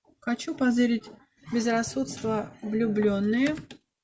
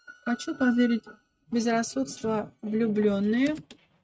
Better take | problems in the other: first | noise reduction (neural mask model RNNoise)

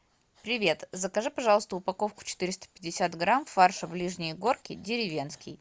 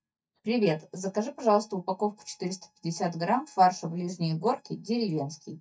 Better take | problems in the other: first | noise reduction (neural mask model DeepFilterNet 3)

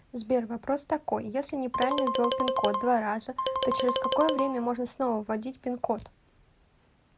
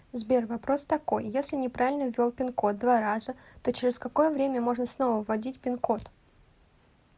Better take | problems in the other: second | background sound (Marimba, xylophone); as loud as the speech

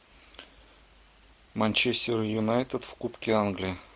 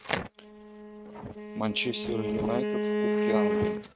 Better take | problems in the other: first | noise reduction (neural mask model RNNoise)

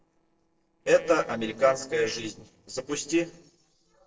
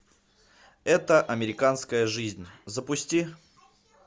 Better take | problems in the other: second | noise reduction (neural separator model SepFormer DNS4)

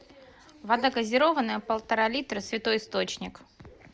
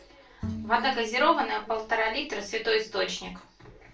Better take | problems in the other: first | background sound (Bowed string instrument); 11 dB below the speech // room echo; dies away in 0.2 s

